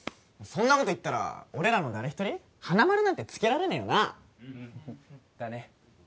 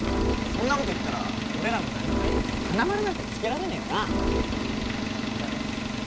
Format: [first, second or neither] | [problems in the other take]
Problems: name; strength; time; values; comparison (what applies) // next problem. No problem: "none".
first | background sound (Engine + Organ); 4 dB above the speech